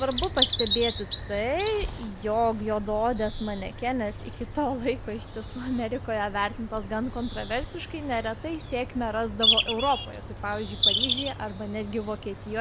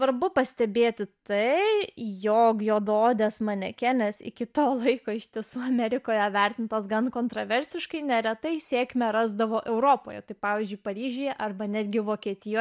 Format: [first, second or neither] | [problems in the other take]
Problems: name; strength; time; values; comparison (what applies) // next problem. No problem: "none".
second | background sound (Bird vocalization, bird call, bird song); 2 dB below the speech